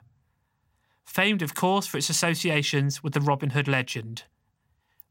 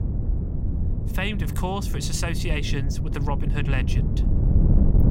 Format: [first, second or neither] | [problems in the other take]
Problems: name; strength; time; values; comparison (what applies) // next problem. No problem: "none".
first | wind noise on the microphone; heavy; 6 dB below the speech